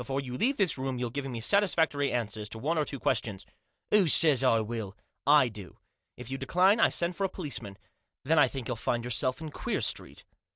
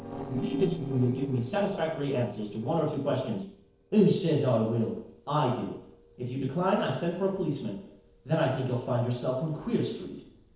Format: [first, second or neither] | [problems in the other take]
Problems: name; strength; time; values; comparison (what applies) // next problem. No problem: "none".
first | noise reduction (neural separator model SepFormer DNS4)